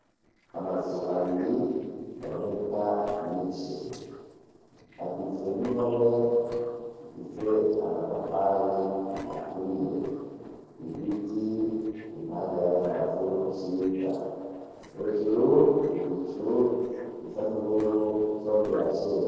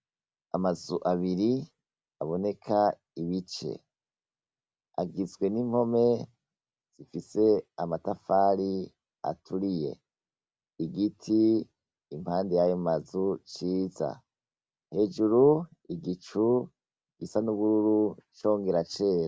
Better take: second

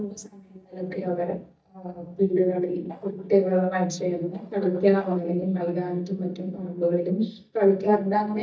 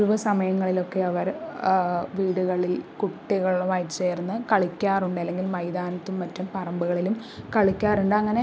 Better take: second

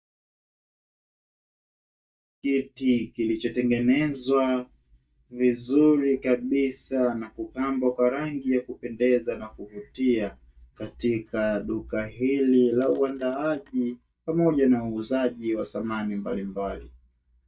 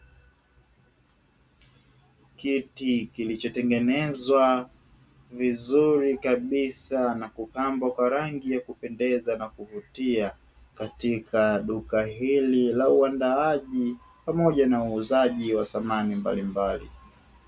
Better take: second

